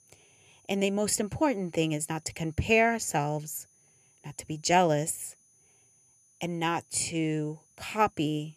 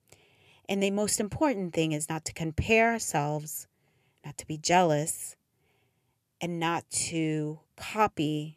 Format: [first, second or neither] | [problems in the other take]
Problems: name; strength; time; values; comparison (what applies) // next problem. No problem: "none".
second | high-pitched whine; faint; throughout; 6 kHz, 30 dB below the speech